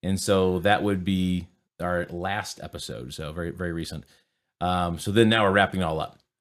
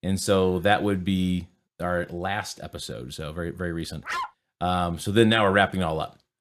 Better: first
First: none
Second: dog barking; noticeable; at 4 s; peak 6 dB below the speech

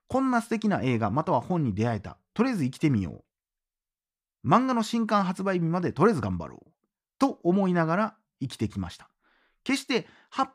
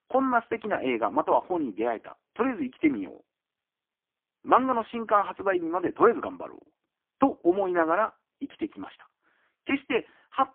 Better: first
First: none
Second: phone-call audio; poor line

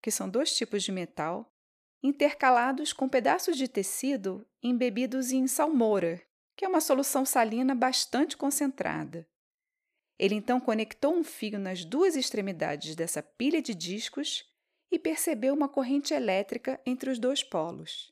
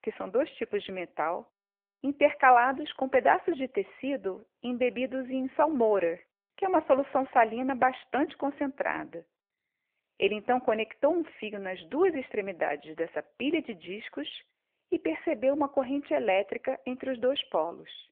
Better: first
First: none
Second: phone-call audio; nothing above 3.5 kHz

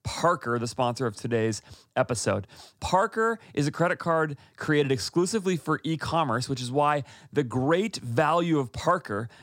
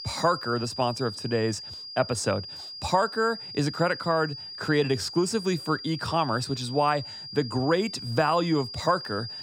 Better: first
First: none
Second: high-pitched whine; loud; throughout; 5 kHz, 10 dB below the speech

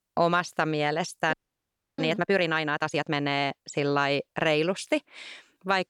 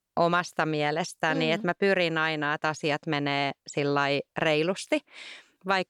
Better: second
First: audio freezing; at 1.5 s for 0.5 s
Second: none

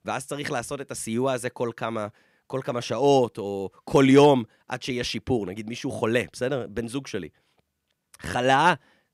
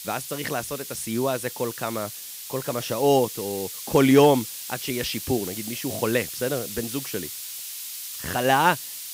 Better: first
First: none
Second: hiss; loud; throughout; 8 dB below the speech

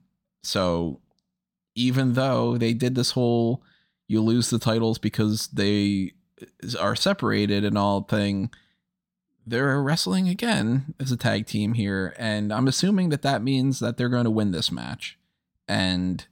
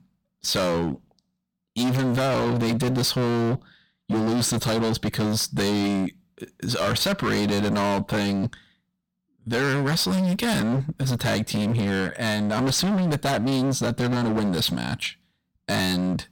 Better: first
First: none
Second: distortion; heavy; 29% of the sound clipped

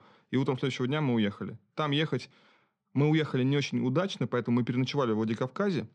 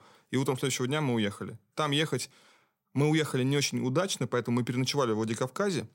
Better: second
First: muffled; slightly; fading above 4 kHz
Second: none

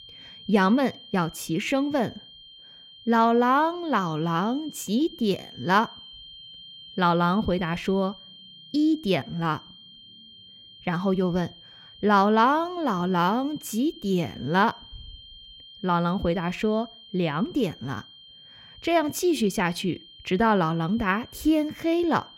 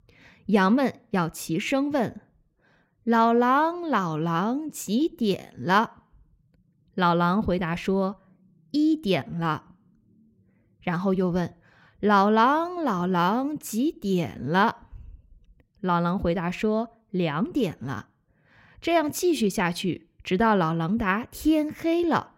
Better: second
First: high-pitched whine; noticeable; throughout; 3 kHz, 20 dB below the speech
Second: none

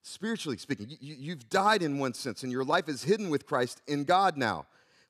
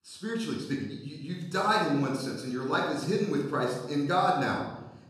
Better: first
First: none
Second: off-mic speech; far // room echo; noticeable; dies away in 0.9 s

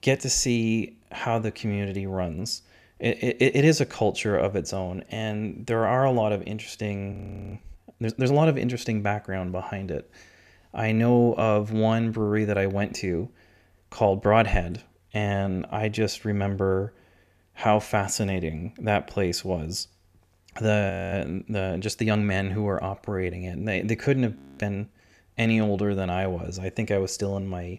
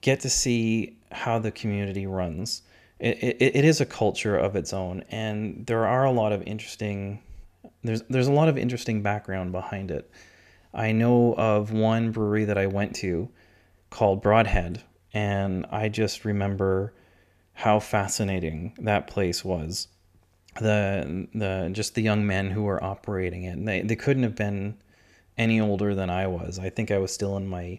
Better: second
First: audio freezing; at 7 s, at 21 s and at 24 s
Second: none

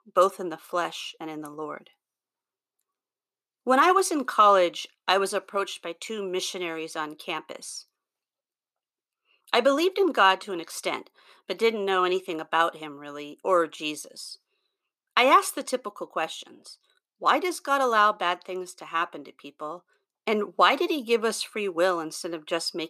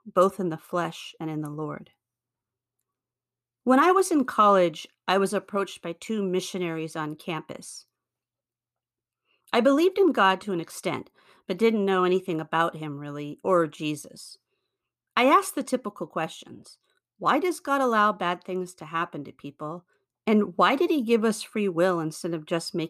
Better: second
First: thin; somewhat; fading below 400 Hz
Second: none

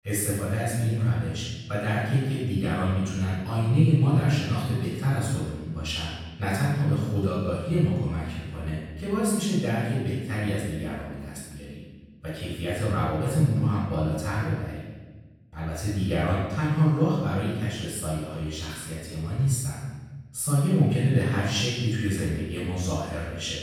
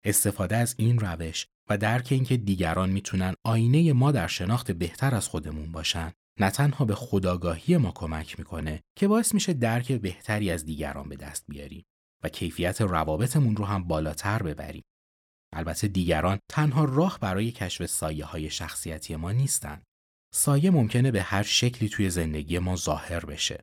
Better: second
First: off-mic speech; far // room echo; strong; dies away in 1.2 s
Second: none

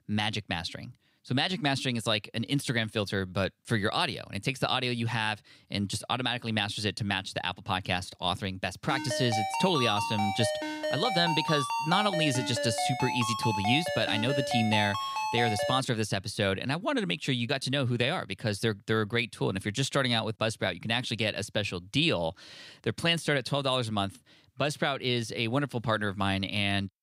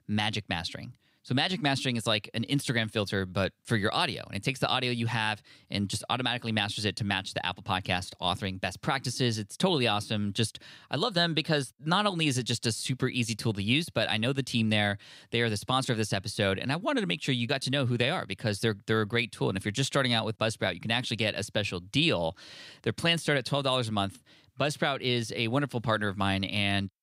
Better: second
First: phone ringing; noticeable; from 9 to 16 s; peak 1 dB below the speech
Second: none

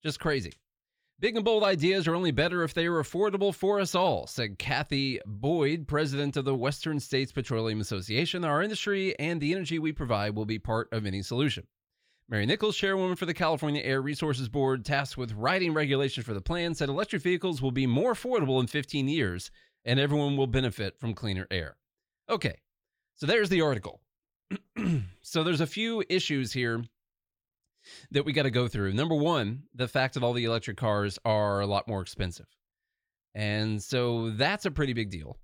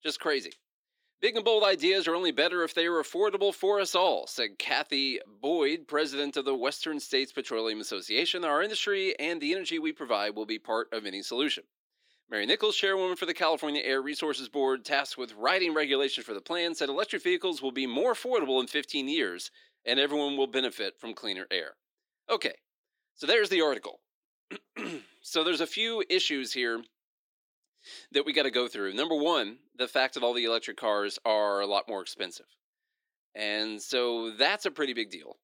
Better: first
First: none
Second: thin; somewhat; fading below 300 Hz

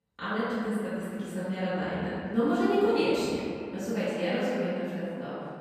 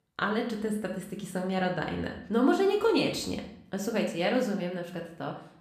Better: second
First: room echo; strong; dies away in 2.4 s // off-mic speech; far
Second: room echo; slight; dies away in 0.5 s // off-mic speech; somewhat distant

